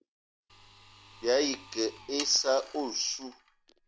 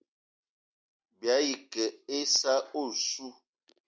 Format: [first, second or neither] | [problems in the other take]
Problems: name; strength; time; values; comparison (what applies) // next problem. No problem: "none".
second | background sound (Sawing); 16 dB below the speech